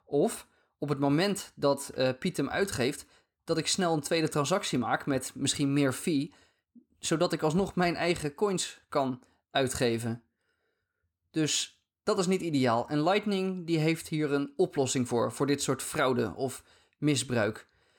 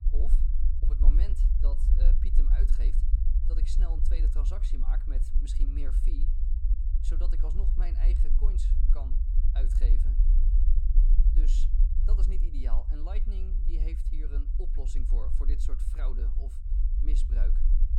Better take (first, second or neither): first